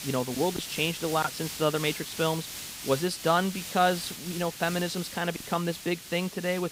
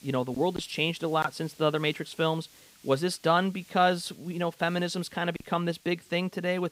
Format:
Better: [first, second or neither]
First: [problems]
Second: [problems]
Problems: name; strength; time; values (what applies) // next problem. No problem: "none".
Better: second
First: hiss; loud; throughout; 8 dB below the speech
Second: hiss; faint; throughout; 25 dB below the speech